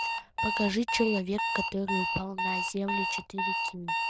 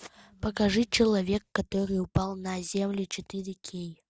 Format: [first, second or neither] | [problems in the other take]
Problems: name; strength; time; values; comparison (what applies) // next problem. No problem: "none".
second | noise reduction (neural diffusion model UNIVERSE++)